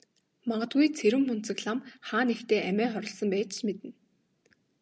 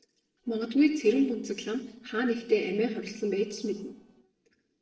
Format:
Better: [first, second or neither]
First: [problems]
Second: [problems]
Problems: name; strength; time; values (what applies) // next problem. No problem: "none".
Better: first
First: none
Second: noise reduction (neural separator model SepFormer DNS4)